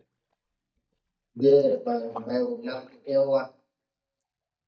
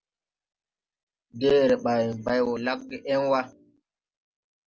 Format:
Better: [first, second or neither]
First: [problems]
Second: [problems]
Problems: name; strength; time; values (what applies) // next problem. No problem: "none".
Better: second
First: noise reduction (neural mask model DeepFilterNet 3)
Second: none